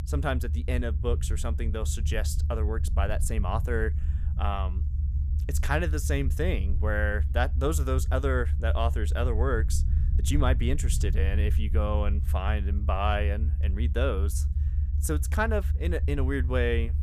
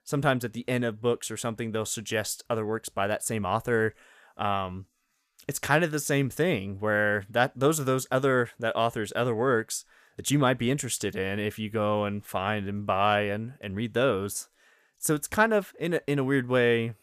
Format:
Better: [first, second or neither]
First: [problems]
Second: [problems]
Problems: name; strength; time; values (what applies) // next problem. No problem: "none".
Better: second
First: low rumble; noticeable; throughout; 15 dB below the speech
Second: none